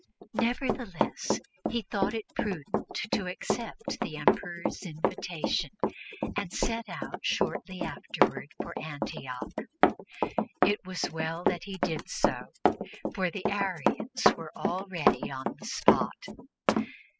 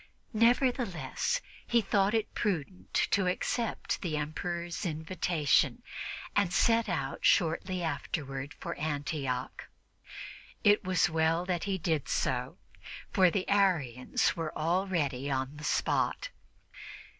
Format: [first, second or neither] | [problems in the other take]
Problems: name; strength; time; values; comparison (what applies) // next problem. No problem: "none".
second | noise reduction (classical method spectral subtraction)